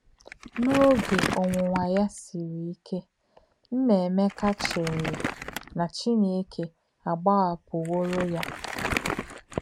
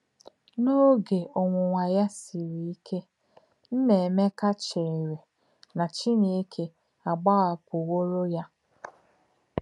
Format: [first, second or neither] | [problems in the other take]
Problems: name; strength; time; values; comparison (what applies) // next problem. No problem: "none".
second | background sound (Crumpling, crinkling); 8 dB below the speech